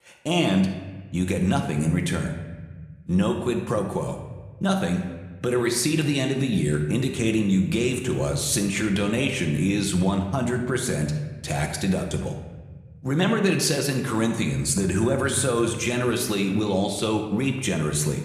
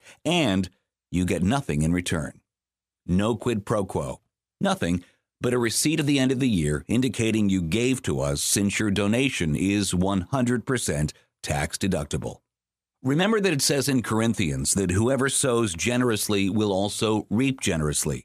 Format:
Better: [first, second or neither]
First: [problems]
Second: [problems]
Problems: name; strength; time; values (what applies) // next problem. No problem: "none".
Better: second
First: room echo; slight; dies away in 1.1 s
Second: none